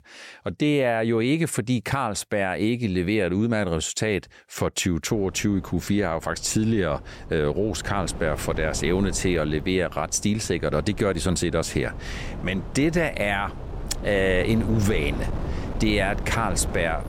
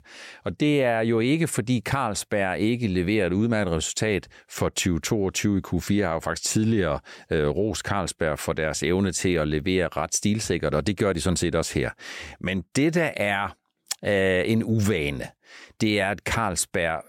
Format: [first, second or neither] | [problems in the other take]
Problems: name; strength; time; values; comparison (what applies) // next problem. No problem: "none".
second | wind noise on the microphone; occasional gusts; from 5 s on; 15 dB below the speech